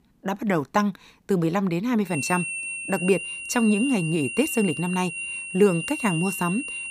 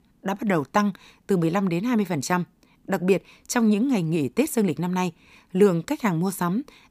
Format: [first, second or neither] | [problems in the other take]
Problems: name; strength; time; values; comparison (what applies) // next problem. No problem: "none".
second | high-pitched whine; loud; from 2 s on; 3 kHz, 5 dB below the speech